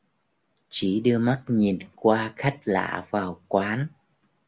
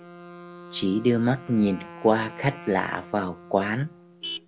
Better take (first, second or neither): first